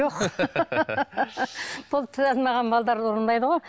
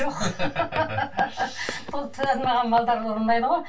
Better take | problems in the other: first | background sound (Walk, footsteps); 15 dB below the speech // room echo; dies away in 0.2 s

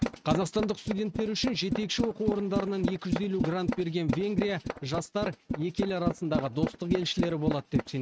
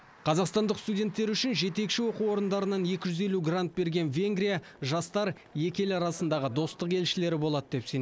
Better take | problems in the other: second | noise reduction (neural mask model RNNoise)

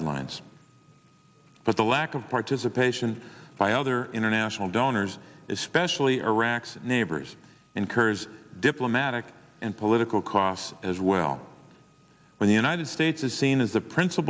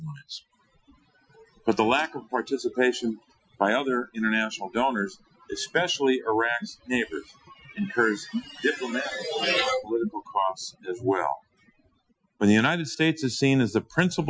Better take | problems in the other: first | noise reduction (classical method Wiener filter)

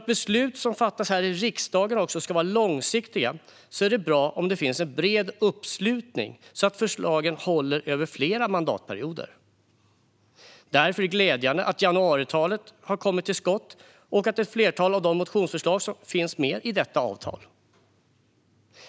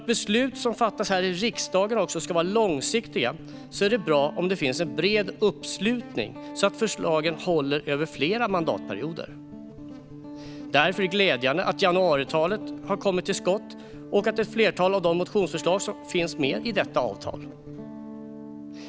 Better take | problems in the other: first | background sound (Guitar); 14 dB below the speech

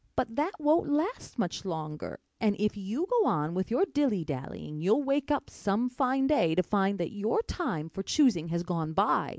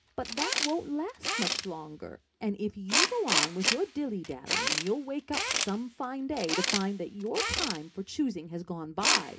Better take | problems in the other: first | background sound (Tools); 1 dB above the speech // room echo; dies away in 0.3 s

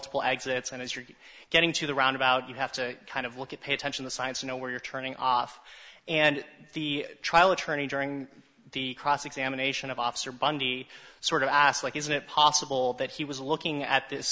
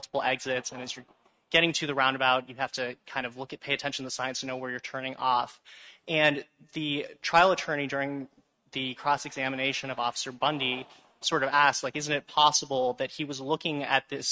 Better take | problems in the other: first | noise reduction (neural mask model RNNoise)

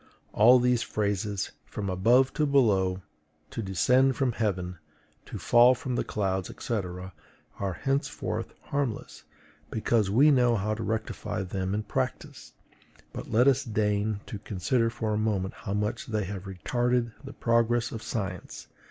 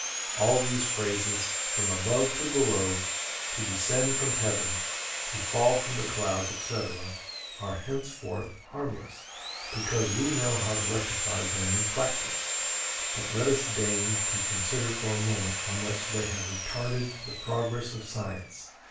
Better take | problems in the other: first | background sound (Sawing); as loud as the speech // room echo; dies away in 0.3 s

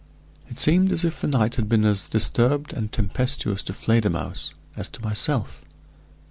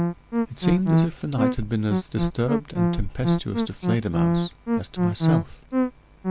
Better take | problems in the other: first | background sound (Musical instrument); 4 dB above the speech

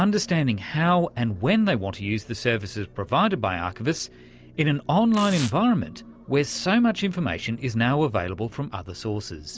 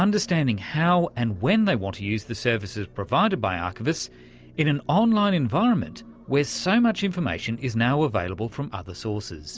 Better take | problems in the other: second | background sound (Tearing); 15 dB below the speech

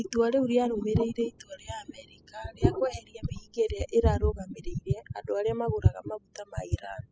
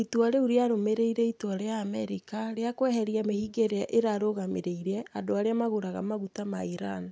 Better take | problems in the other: second | noise reduction (classical method spectral subtraction)

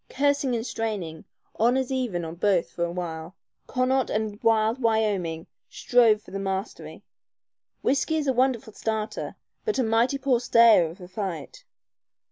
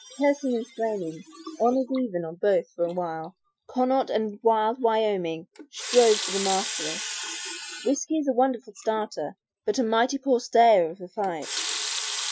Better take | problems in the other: first | noise reduction (classical method Wiener filter)

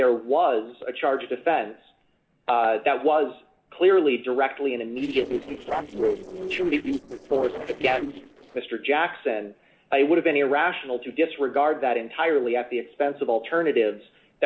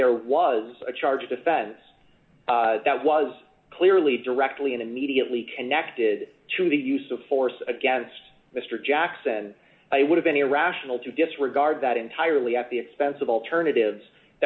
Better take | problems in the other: second | noise reduction (neural separator model SepFormer DNS4)

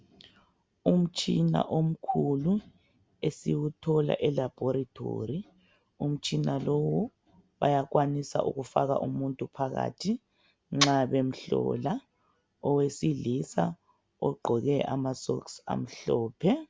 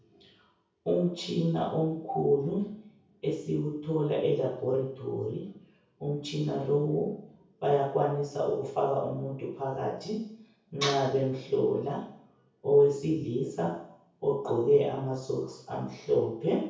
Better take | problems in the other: first | room echo; dies away in 0.6 s

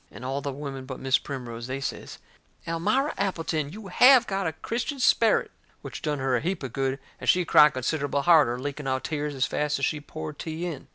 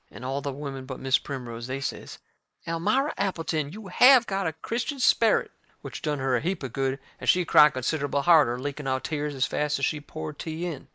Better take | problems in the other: first | noise reduction (neural mask model Resemble Enhance denoiser)

